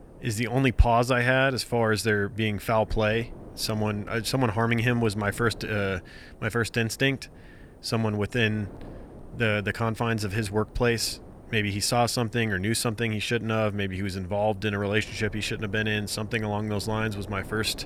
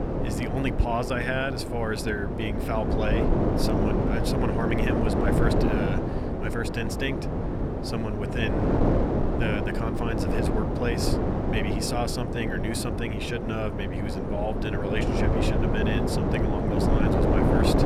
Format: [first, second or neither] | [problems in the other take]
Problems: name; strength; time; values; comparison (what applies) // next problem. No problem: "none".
first | wind noise on the microphone; heavy; 2 dB above the speech; occasional gusts in the first